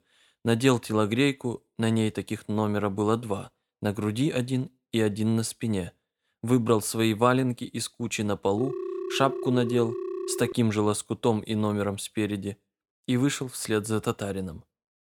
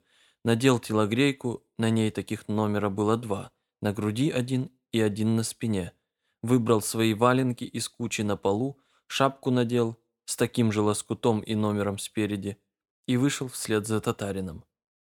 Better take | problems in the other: second | phone ringing; noticeable; from 8.5 to 11 s; peak 6 dB below the speech

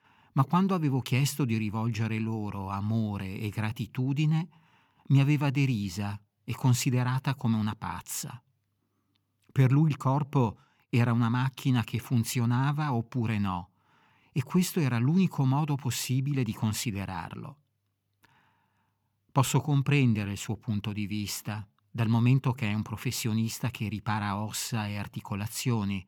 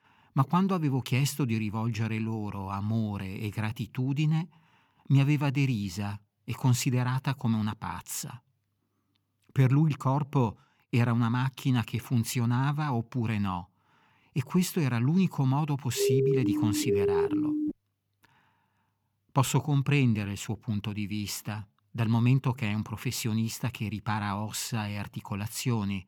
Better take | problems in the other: first | siren; loud; from 16 to 18 s; peak 3 dB above the speech

